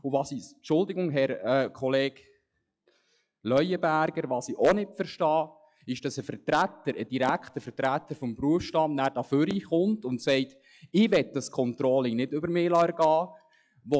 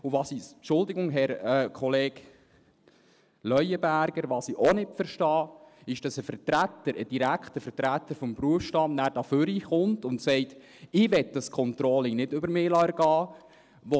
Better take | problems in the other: second | noise reduction (classical method log-MMSE)

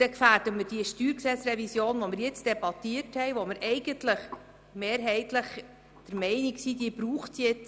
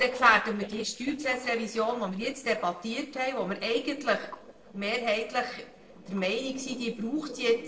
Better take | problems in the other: first | noise reduction (neural separator model SepFormer DNS4)

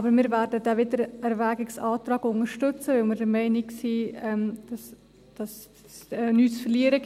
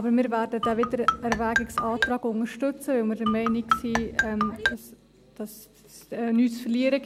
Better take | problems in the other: first | background sound (Marimba, xylophone); 1 dB below the speech

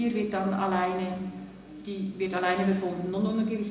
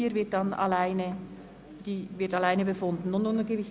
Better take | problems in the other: second | room echo; dies away in 0.9 s

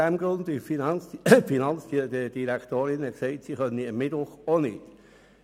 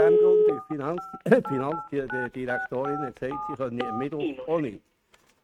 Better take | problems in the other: first | noise reduction (neural mask model RNNoise)

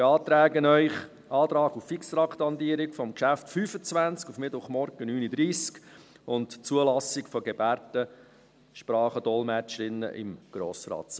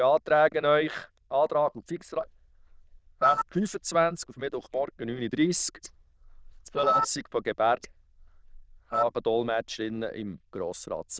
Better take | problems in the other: first | noise reduction (neural diffusion model UNIVERSE++)

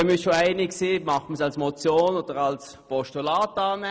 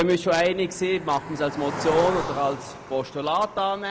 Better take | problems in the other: first | background sound (Cricket); 10 dB below the speech

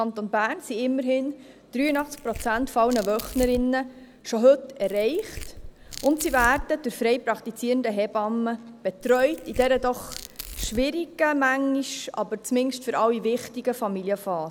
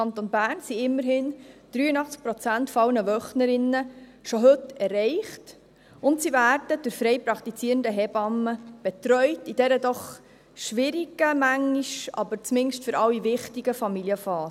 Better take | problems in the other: second | background sound (Tearing); 14 dB below the speech

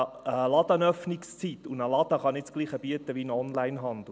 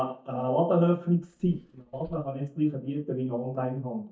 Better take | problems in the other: first | noise reduction (neural mask model DeepFilterNet 3)

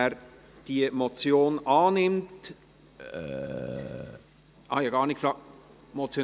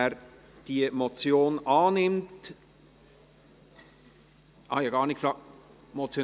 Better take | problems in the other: second | background sound (Burping, eructation); 12 dB below the speech

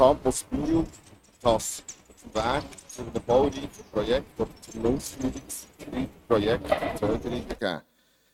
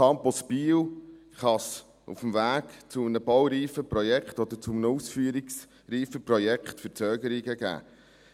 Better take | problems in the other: second | noise reduction (neural mask model RNNoise)

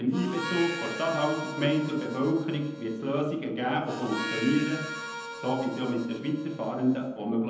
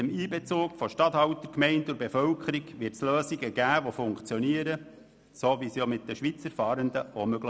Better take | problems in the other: second | background sound (Harmonica); 9 dB below the speech // room echo; dies away in 0.8 s

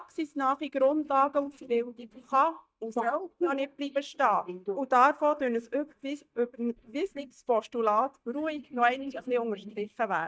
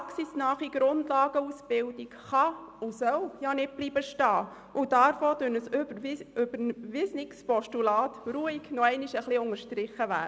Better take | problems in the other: second | noise reduction (neural mask model DeepFilterNet 3)

